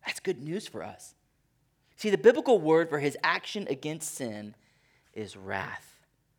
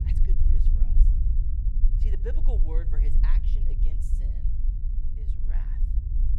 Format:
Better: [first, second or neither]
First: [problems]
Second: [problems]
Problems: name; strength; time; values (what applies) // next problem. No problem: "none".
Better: first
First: none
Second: low rumble; loud; throughout; 2 dB below the speech